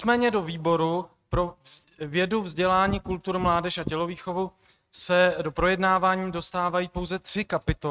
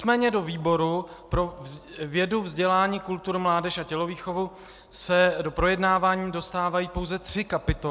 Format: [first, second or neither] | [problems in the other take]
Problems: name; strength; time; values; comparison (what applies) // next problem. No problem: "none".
second | noise reduction (neural mask model RNNoise)